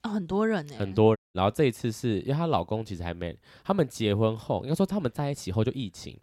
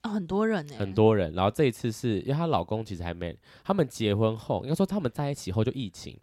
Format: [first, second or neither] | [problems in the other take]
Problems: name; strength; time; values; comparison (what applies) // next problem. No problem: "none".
second | audio cutting out; at 1 s